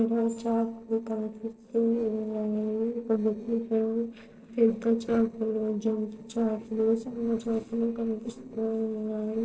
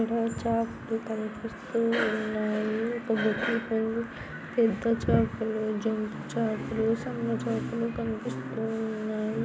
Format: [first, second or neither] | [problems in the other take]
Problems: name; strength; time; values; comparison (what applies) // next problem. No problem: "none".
second | noise reduction (neural separator model SepFormer DNS4)